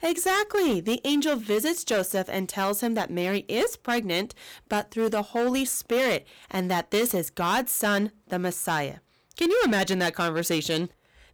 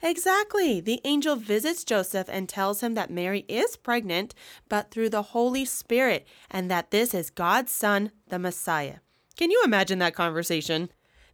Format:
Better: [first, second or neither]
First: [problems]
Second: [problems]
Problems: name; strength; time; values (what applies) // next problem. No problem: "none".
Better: second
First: distortion; slight; 10% of the sound clipped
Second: none